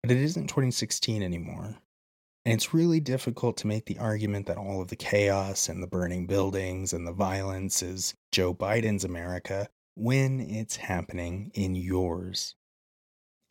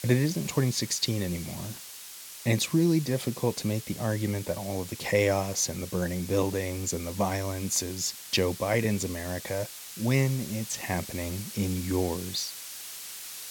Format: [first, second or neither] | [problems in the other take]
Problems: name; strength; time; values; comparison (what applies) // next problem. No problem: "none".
first | hiss; noticeable; throughout; 10 dB below the speech